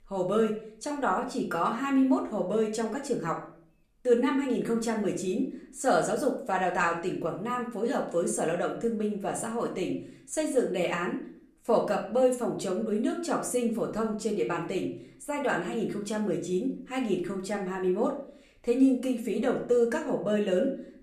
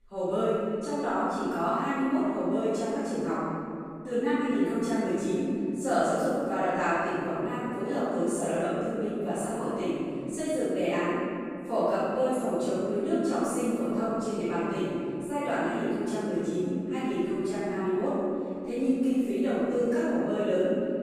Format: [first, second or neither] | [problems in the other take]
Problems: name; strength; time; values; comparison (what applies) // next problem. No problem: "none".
first | room echo; strong; dies away in 2.8 s; slight in the first // off-mic speech; far; somewhat distant in the first